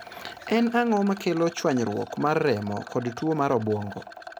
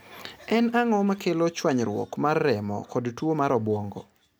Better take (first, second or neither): second